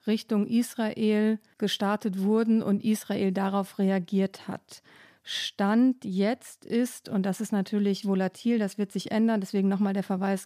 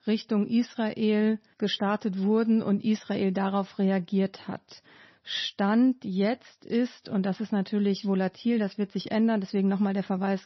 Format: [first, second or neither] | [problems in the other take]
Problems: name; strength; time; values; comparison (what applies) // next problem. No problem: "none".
first | garbled, watery; slightly; nothing above 6 kHz